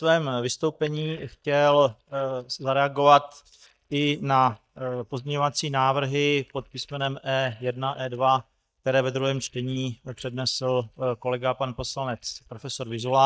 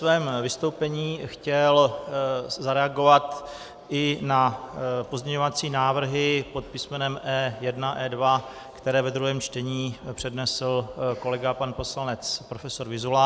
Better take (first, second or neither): second